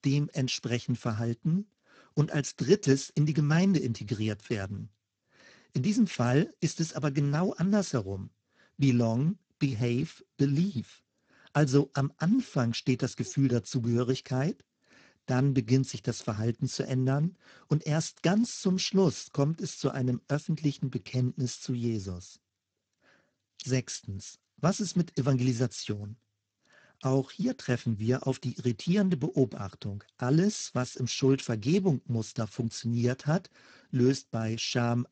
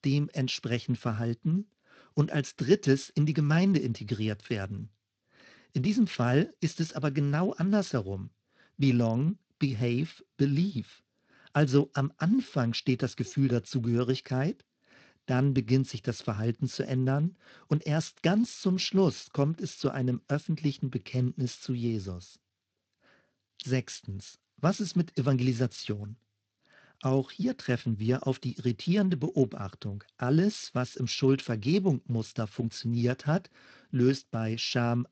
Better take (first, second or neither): second